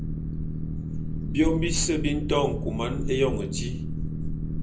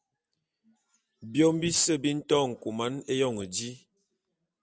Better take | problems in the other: second | background sound (Boat, Water vehicle); as loud as the speech // room echo; dies away in 0.5 s

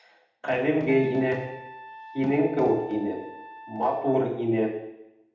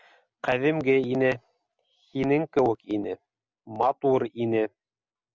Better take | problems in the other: second | background sound (Trumpet); 17 dB below the speech // room echo; dies away in 0.8 s

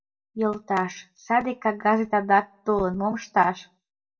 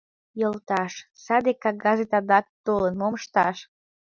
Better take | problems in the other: second | room echo; dies away in 0.2 s

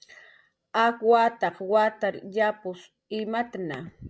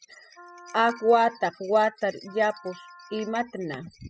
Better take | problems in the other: first | noise reduction (classical method spectral subtraction)

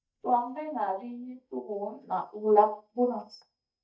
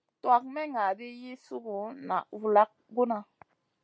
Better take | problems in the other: second | noise reduction (neural mask model DeepFilterNet 3)

